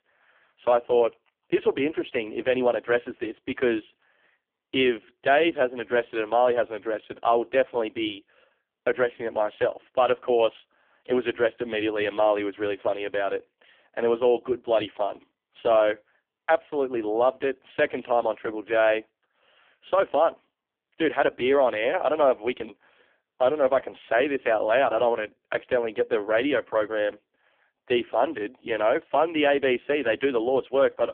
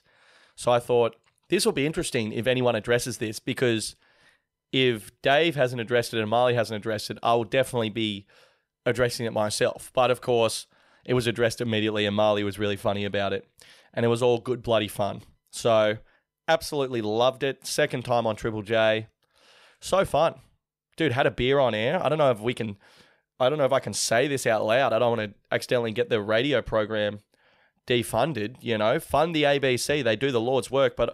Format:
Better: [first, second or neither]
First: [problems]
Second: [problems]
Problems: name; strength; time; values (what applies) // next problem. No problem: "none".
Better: second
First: phone-call audio; poor line; nothing above 3.5 kHz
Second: none